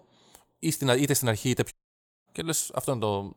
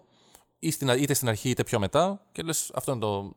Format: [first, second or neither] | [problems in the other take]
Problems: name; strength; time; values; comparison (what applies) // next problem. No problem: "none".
second | audio cutting out; at 1.5 s for 0.5 s